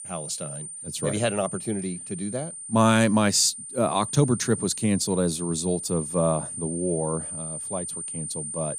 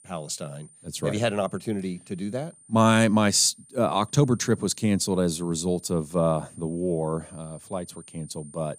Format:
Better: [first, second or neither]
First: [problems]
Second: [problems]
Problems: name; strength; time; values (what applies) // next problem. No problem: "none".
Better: second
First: high-pitched whine; loud; throughout; 9 kHz, 8 dB below the speech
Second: high-pitched whine; faint; throughout; 9 kHz, 25 dB below the speech